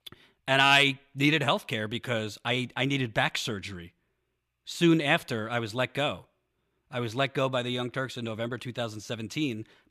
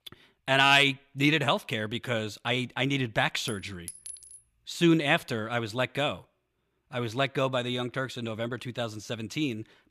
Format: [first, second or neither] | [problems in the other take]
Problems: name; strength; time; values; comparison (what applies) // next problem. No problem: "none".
first | clattering dishes; faint; at 3.5 s; peak 15 dB below the speech